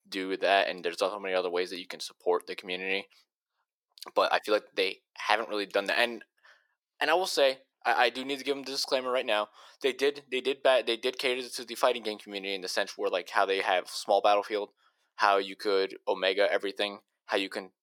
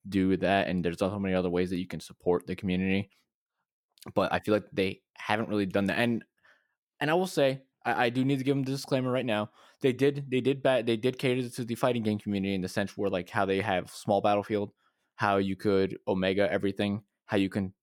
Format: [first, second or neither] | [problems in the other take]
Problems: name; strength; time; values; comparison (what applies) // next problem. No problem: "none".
second | thin; very; fading below 450 Hz